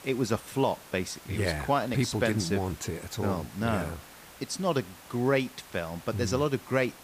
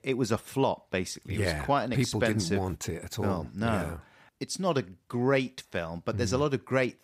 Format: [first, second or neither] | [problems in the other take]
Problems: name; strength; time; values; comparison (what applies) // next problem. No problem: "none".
second | hiss; noticeable; throughout; 20 dB below the speech